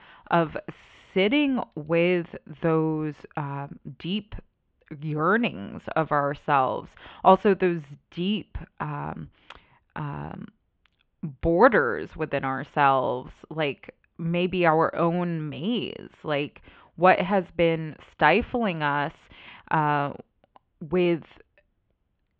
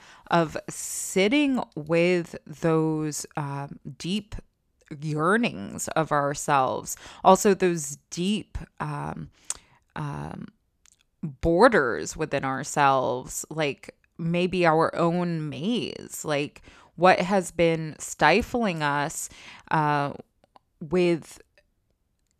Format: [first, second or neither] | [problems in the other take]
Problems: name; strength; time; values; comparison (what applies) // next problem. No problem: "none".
second | muffled; very; fading above 3 kHz